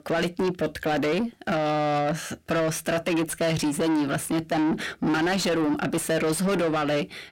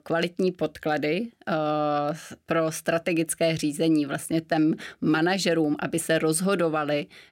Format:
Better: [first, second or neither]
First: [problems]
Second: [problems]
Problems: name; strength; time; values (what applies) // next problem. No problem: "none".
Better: second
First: distortion; heavy; 8 dB below the speech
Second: none